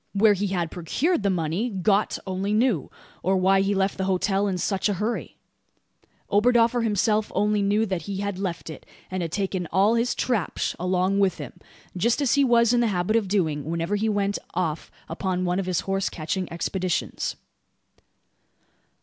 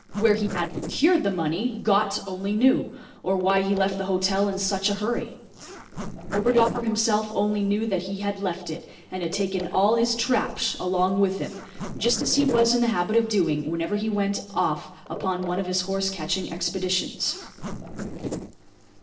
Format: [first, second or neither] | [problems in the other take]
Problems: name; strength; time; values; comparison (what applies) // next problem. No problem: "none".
first | noise reduction (neural separator model SepFormer DNS4)